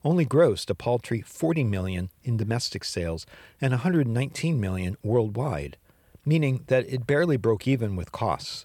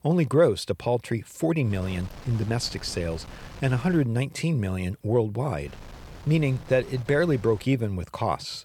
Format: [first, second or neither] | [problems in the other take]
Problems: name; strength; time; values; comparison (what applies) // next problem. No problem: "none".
first | wind noise on the microphone; occasional gusts; from 1.5 to 4 s and from 5.5 to 7.5 s; 20 dB below the speech